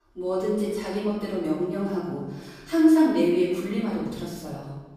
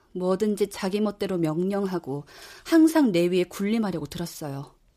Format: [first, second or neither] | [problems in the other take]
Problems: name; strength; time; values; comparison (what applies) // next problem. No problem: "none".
second | off-mic speech; far // room echo; strong; dies away in 1.1 s